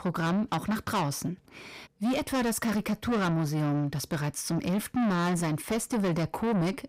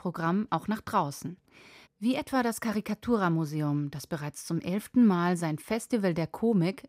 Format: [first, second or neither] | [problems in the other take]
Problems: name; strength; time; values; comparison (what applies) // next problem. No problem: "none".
second | distortion; heavy; 6 dB below the speech